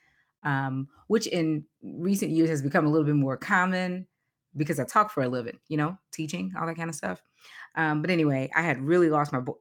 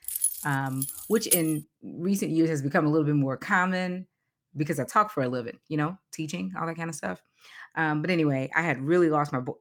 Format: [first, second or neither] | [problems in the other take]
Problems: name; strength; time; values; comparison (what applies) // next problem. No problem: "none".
first | jangling keys; loud; until 1.5 s; peak 2 dB above the speech